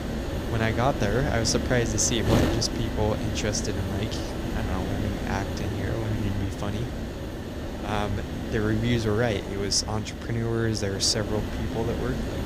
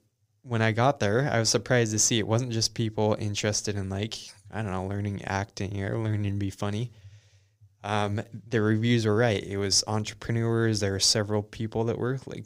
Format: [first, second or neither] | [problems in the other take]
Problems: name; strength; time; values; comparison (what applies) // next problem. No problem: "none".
second | wind noise on the microphone; heavy; 5 dB below the speech